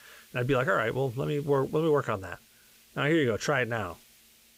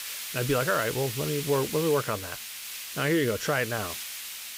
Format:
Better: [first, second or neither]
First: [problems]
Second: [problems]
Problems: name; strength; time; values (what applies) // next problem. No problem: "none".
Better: first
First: hiss; faint; throughout; 25 dB below the speech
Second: hiss; loud; throughout; 7 dB below the speech